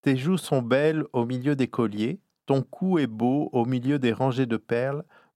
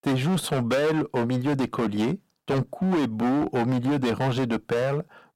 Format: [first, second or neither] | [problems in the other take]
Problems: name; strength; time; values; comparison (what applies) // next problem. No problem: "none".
first | distortion; heavy; 21% of the sound clipped